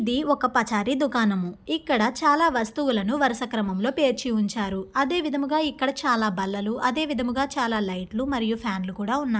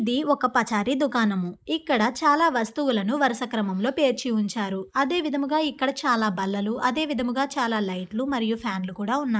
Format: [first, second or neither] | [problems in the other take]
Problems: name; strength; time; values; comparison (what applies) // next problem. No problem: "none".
first | noise reduction (neural mask model Resemble Enhance denoiser)